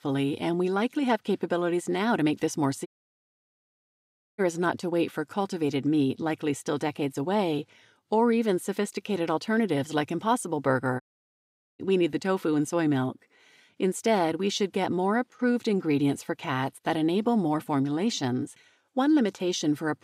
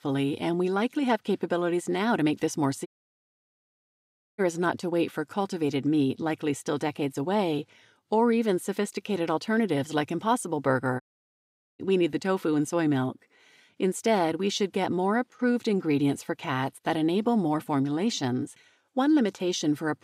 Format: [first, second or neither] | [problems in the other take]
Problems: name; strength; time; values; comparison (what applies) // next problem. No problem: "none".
neither | audio cutting out; at 3 s for 1.5 s and at 11 s for 1 s; the same in both